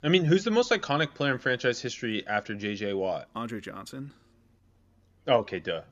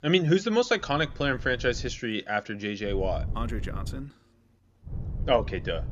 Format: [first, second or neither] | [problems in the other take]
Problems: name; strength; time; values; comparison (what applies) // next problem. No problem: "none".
first | wind noise on the microphone; occasional gusts; from 1 to 2 s, from 3 to 4 s and from 5 s on; 25 dB below the speech